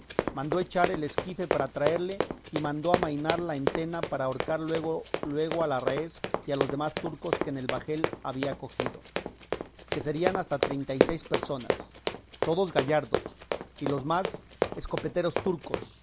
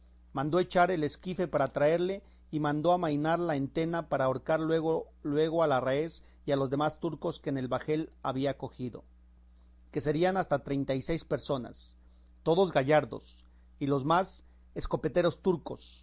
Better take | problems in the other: second | background sound (Run); 2 dB below the speech

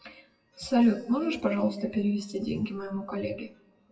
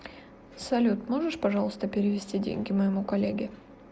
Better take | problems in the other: second | noise reduction (classical method WPE with log-MMSE)

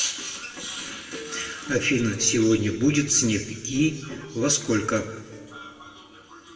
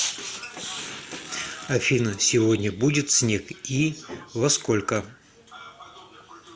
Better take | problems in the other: second | background sound (Plucked string instrument); 20 dB below the speech // room echo; dies away in 1.4 s

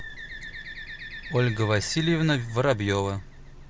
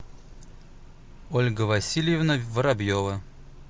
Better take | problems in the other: second | background sound (Bird); 15 dB below the speech

